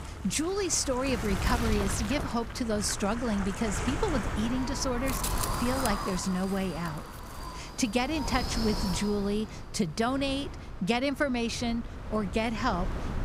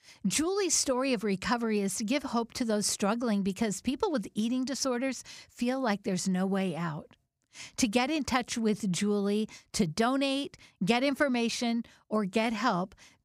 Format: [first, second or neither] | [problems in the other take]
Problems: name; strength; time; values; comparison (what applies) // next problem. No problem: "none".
second | wind noise on the microphone; heavy; 5 dB below the speech